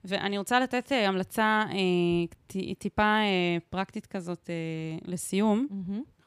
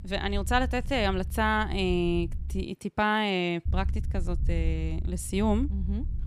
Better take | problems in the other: first | low rumble; faint; until 2.5 s and from 3.5 s on; 20 dB below the speech

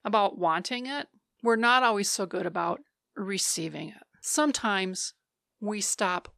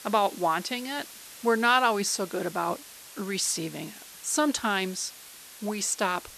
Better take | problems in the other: first | hiss; noticeable; throughout; 15 dB below the speech

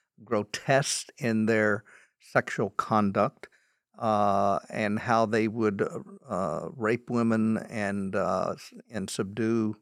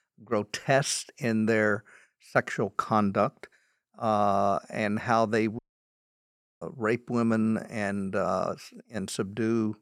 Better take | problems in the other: first | audio cutting out; at 5.5 s for 1 s

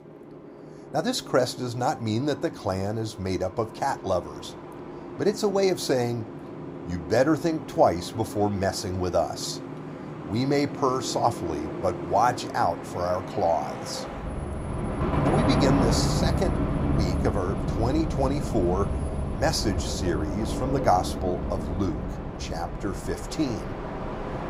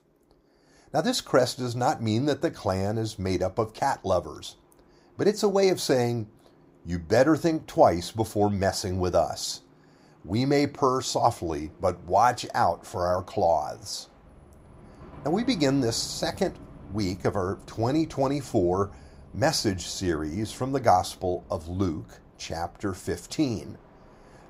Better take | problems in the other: second | train or aircraft noise; loud; throughout; 4 dB below the speech; faint in the second

